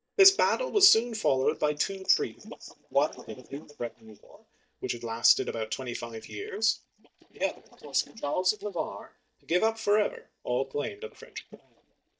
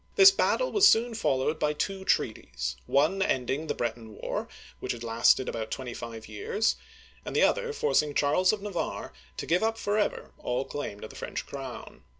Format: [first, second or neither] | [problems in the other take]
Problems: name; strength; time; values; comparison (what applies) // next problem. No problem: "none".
second | noise reduction (neural mask model DeepFilterNet 3)